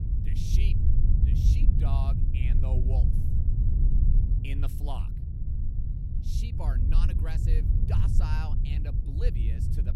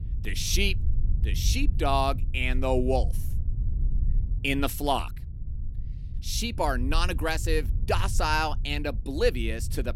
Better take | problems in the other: second | low rumble; loud; throughout; as loud as the speech; faint in the second

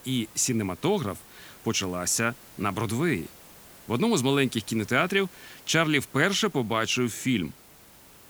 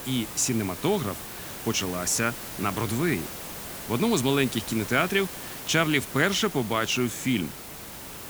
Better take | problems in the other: first | hiss; loud; throughout; 9 dB below the speech; faint in the first

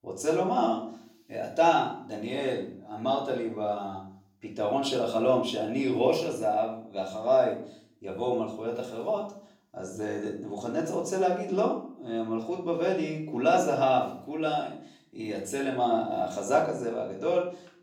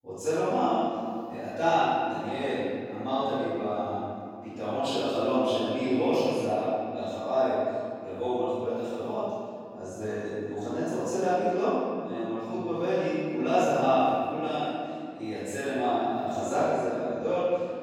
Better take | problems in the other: first | room echo; strong; dies away in 2.4 s; slight in the first // off-mic speech; far; far in the first

